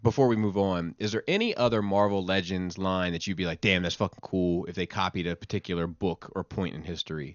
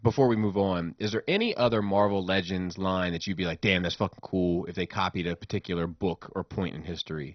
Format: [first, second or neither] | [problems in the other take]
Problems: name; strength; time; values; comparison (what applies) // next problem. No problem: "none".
first | garbled, watery; badly; nothing above 6 kHz; slightly in the first